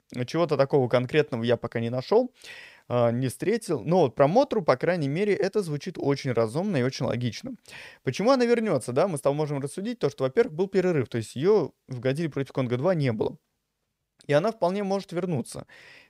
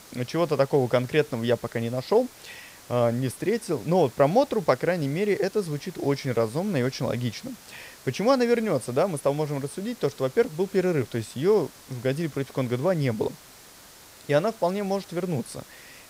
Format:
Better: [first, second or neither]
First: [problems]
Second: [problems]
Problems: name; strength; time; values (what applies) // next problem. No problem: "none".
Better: first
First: none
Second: hiss; faint; throughout; 20 dB below the speech